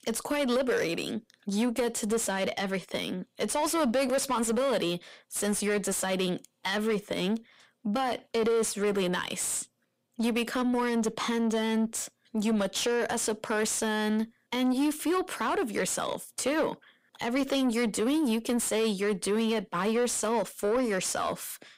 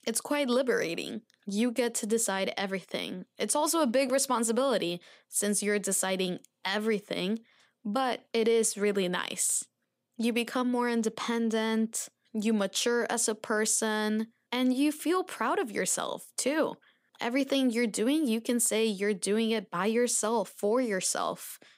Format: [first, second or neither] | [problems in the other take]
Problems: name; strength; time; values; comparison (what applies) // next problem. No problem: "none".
second | distortion; slight; 10 dB below the speech